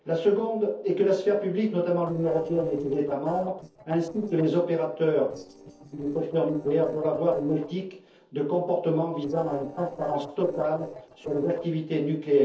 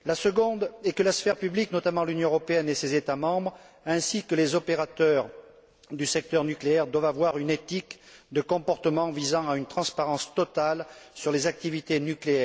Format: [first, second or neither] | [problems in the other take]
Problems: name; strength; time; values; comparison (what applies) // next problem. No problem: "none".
second | noise reduction (neural separator model SepFormer DNS4)